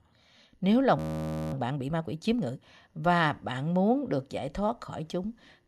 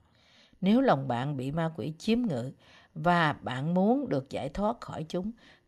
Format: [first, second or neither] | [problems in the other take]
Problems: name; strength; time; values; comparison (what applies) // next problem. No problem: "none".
second | audio freezing; at 1 s for 0.5 s